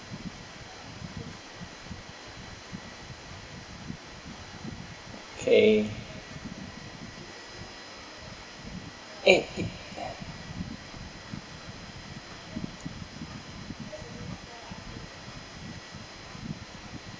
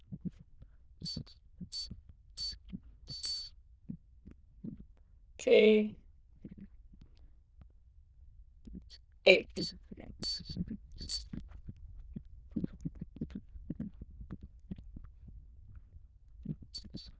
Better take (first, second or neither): first